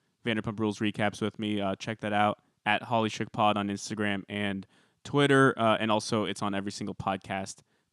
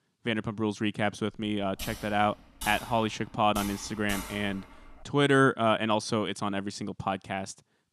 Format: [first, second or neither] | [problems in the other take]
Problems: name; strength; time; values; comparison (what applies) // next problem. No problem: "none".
first | keyboard typing; noticeable; from 1.5 to 5 s; peak 9 dB below the speech